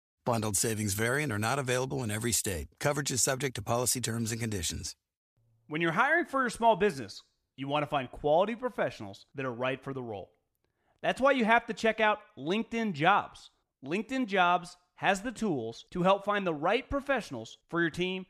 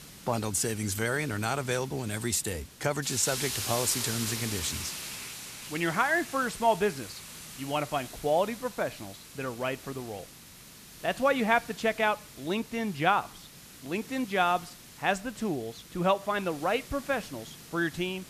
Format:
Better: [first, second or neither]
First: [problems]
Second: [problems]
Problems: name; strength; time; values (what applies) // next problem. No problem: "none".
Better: first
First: none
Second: hiss; noticeable; throughout; 10 dB below the speech